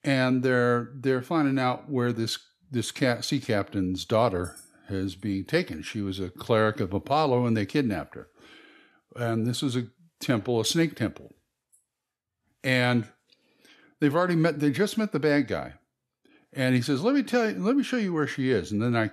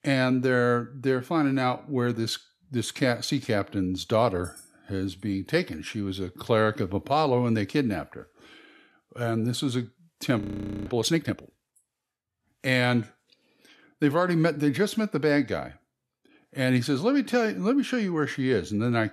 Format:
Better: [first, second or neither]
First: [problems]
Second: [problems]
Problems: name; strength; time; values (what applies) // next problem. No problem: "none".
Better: first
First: none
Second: audio freezing; at 10 s